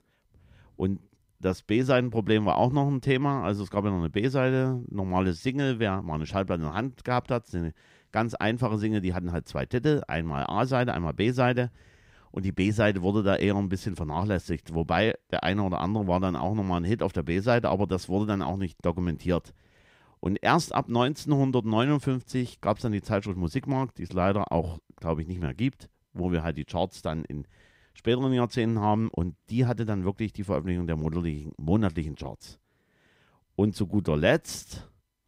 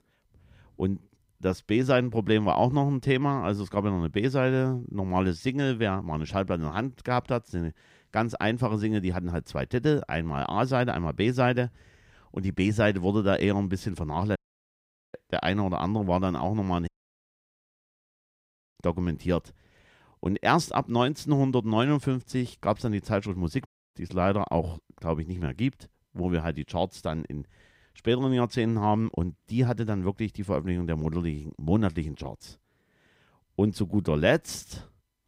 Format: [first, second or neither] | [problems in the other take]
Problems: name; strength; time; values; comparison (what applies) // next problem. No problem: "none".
first | audio cutting out; at 14 s for 1 s, at 17 s for 2 s and at 24 s